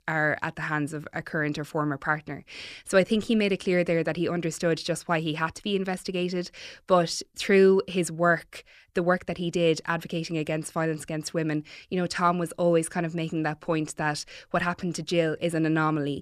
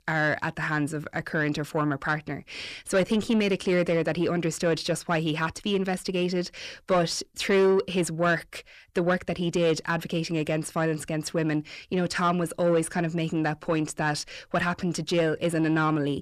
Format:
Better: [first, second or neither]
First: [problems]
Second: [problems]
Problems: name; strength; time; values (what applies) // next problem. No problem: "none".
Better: first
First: none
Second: distortion; slight; 10 dB below the speech